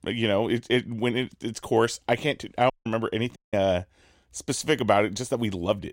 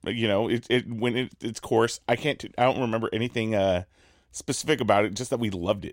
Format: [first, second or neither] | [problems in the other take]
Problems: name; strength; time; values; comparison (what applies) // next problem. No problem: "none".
second | audio cutting out; at 2.5 s and at 3.5 s